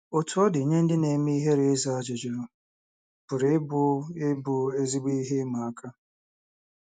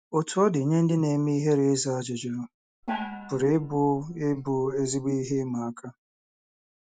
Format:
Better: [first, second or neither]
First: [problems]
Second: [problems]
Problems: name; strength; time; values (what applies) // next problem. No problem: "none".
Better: first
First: none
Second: background sound (Gong); 13 dB below the speech